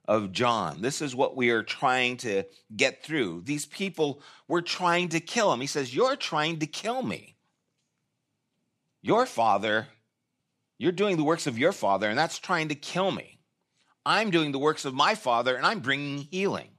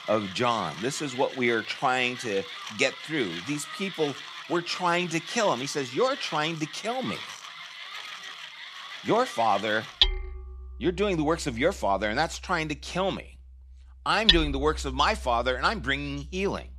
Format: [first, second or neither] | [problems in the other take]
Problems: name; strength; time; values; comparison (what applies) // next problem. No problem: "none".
first | machinery noise; loud; throughout; 6 dB below the speech